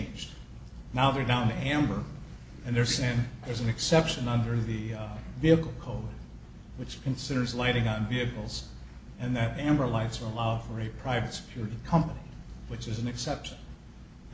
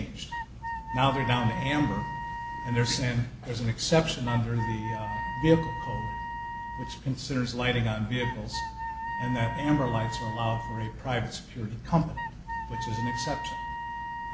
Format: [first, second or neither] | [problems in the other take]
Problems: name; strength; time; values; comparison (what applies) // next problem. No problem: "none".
first | background sound (Wind instrument, woodwind instrument); 7 dB below the speech